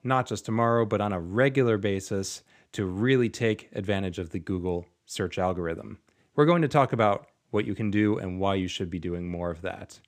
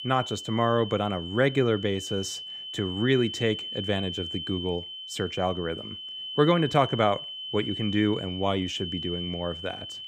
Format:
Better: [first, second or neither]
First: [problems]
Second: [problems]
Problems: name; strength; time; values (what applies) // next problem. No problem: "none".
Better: first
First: none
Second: high-pitched whine; loud; throughout; 3 kHz, 7 dB below the speech